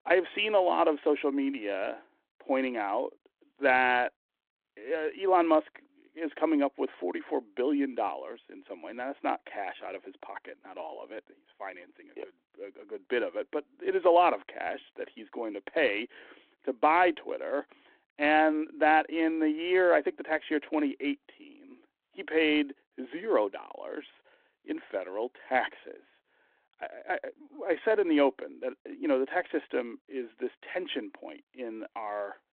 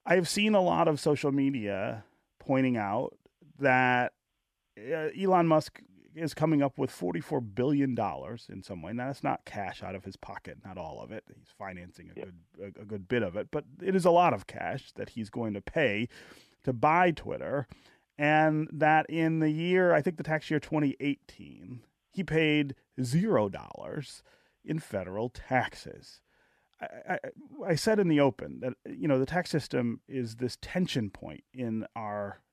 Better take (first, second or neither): second